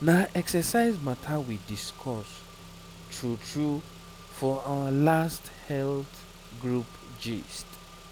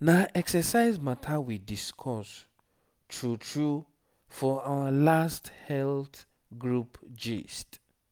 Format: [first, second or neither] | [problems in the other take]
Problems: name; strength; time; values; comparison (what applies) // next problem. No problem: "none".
second | background sound (Engine / Car); 17 dB below the speech